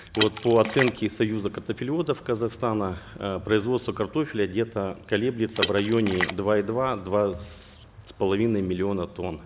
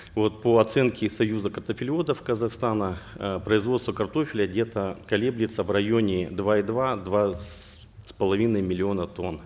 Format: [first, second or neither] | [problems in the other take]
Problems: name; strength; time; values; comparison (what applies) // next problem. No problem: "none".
second | background sound (Water / Splash, splatter); 10 dB below the speech